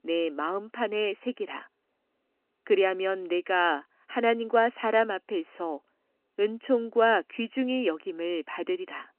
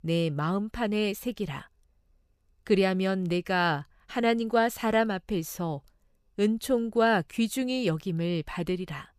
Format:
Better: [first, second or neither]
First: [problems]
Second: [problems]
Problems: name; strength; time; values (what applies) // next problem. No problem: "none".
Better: second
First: phone-call audio; nothing above 3 kHz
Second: none